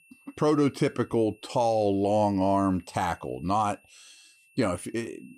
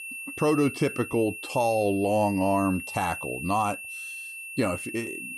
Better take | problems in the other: first | high-pitched whine; loud; throughout; 2.5 kHz, 9 dB below the speech; faint in the first

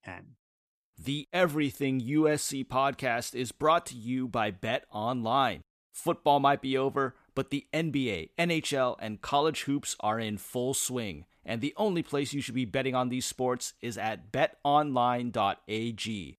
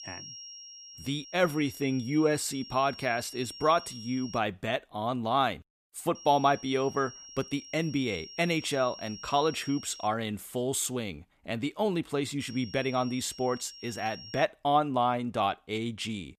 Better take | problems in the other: first | high-pitched whine; noticeable; until 4.5 s, from 6 to 10 s and from 12 to 14 s; 5.5 kHz, 15 dB below the speech

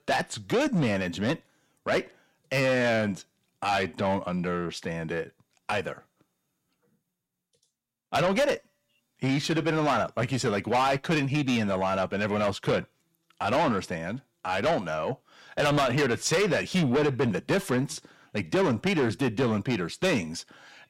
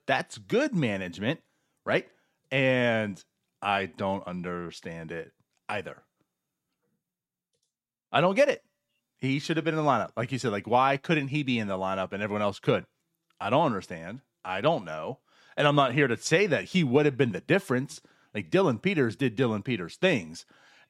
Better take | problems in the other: second | distortion; heavy; 6 dB below the speech

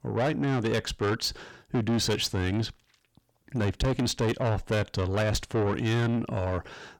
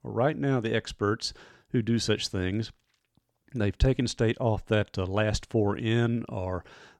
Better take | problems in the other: second | distortion; heavy; 7 dB below the speech

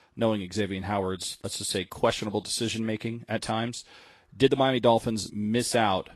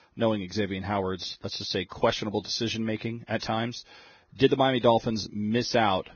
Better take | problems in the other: first | garbled, watery; badly; nothing above 6.5 kHz; slightly in the first

